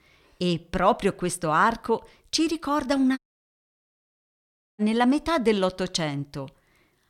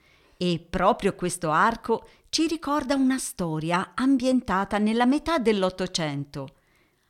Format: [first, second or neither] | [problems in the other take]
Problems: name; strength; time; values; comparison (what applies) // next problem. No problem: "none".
second | audio cutting out; at 3 s for 1.5 s